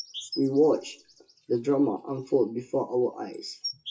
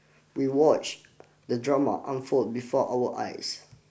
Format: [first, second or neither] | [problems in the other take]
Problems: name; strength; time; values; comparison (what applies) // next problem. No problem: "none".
second | noise reduction (classical method WPE with log-MMSE)